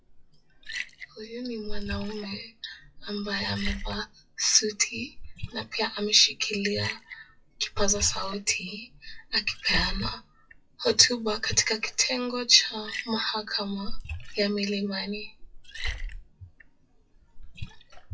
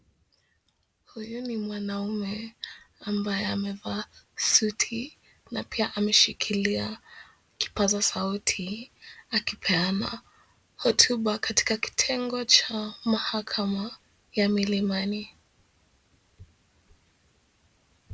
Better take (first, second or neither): second